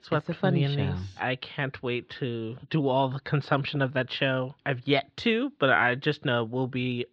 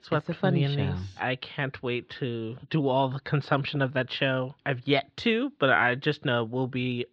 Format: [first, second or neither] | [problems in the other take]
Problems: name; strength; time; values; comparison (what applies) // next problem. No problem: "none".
neither | muffled; slightly; fading above 4 kHz; the same in both